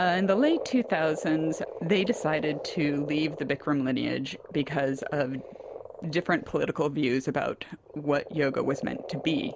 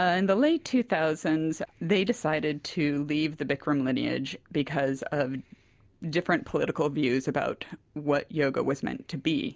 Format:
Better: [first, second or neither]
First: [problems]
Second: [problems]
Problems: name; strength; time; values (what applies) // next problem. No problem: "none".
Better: second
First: background sound (Frog); 12 dB below the speech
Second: none